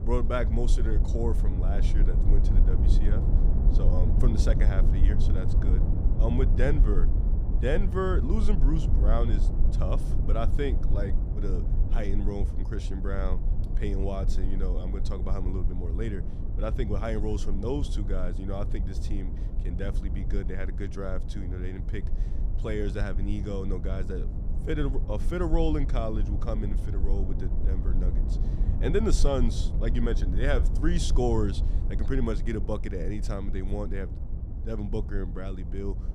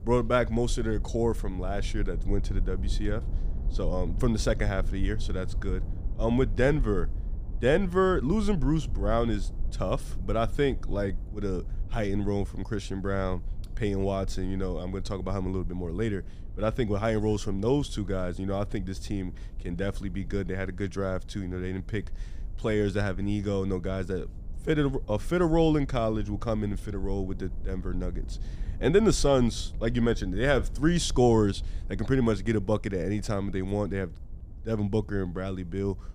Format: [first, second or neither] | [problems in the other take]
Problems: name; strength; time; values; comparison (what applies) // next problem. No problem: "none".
second | low rumble; loud; throughout; 8 dB below the speech; faint in the second